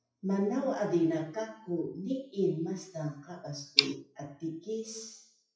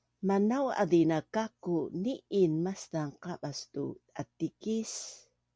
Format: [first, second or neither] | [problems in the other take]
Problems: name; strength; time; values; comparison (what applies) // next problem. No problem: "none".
second | noise reduction (classical method WPE with log-MMSE)